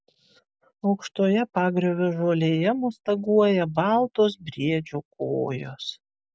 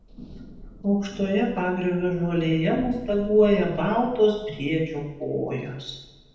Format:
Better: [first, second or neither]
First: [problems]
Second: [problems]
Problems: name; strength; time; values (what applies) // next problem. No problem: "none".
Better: first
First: none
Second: background sound (Thunder / Rain); 18 dB below the speech // room echo; dies away in 0.9 s